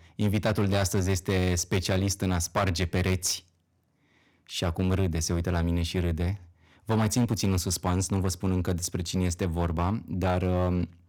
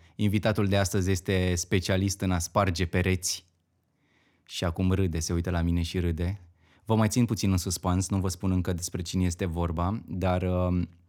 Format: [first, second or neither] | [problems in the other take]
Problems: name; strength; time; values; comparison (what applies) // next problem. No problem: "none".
second | distortion; slight; 9% of the sound clipped